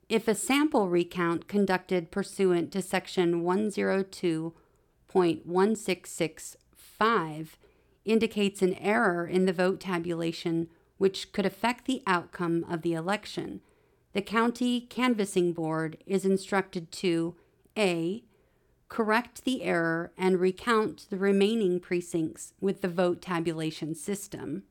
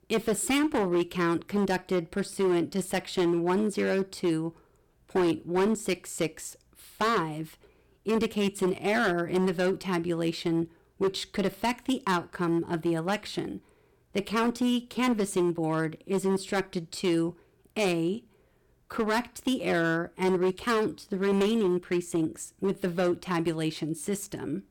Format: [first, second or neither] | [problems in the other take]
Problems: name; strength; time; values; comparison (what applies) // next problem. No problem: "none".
first | distortion; slight; 9% of the sound clipped